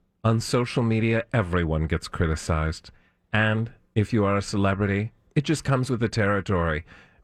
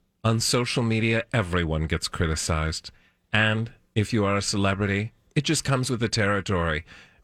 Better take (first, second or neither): second